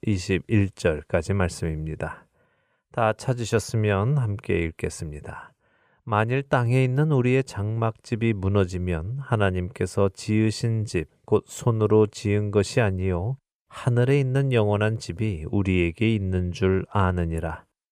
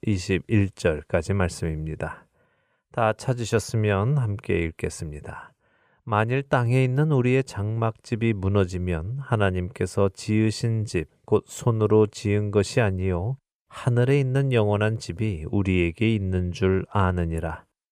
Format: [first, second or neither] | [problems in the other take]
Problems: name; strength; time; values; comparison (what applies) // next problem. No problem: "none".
neither | none